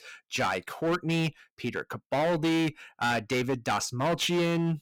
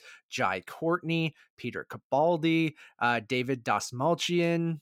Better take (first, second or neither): second